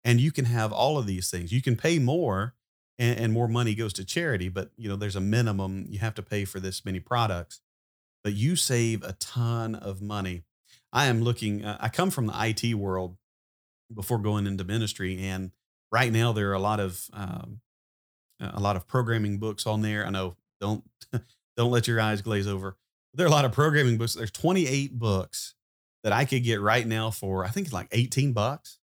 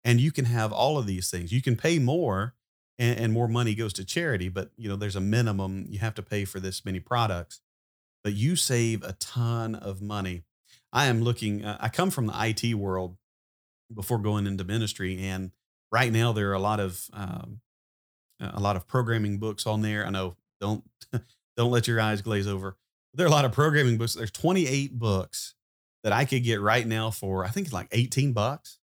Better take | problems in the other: neither | none

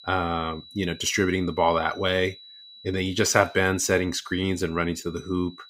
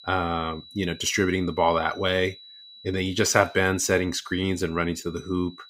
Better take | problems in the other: neither | high-pitched whine; faint; throughout; 4 kHz, 20 dB below the speech; the same in both

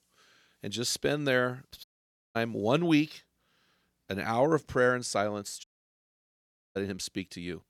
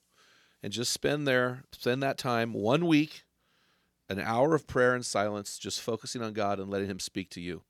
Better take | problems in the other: second | audio cutting out; at 2 s for 0.5 s and at 5.5 s for 1 s

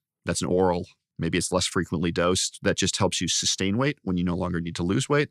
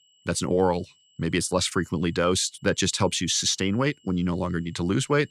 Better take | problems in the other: first | high-pitched whine; faint; throughout; 3 kHz, 35 dB below the speech

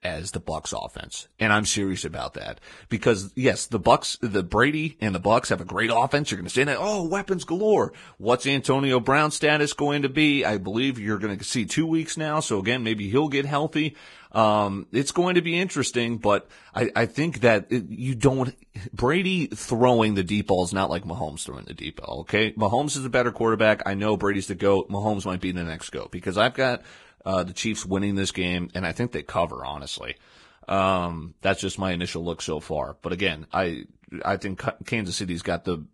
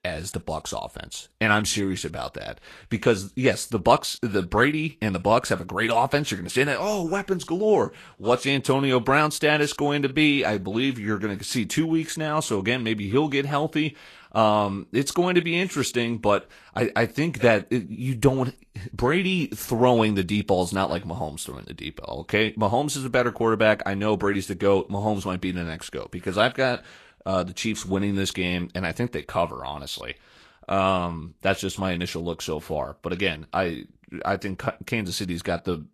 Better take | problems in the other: second | garbled, watery; badly; nothing above 10 kHz; slightly in the second

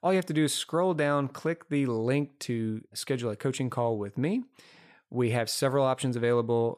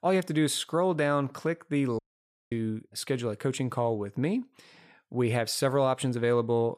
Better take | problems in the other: first | audio cutting out; at 2 s for 0.5 s

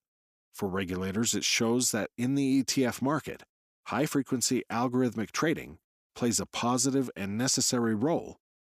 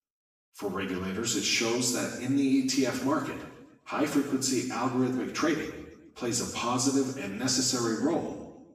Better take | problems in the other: first | room echo; noticeable; dies away in 0.9 s // off-mic speech; far

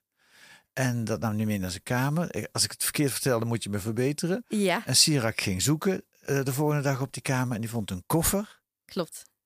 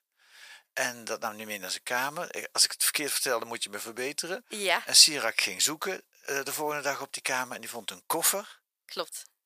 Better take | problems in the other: first | thin; very; fading below 650 Hz

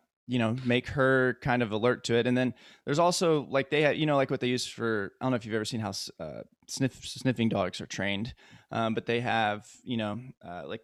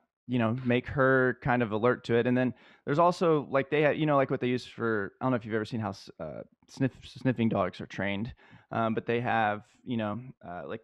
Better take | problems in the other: first | muffled; slightly; fading above 4 kHz

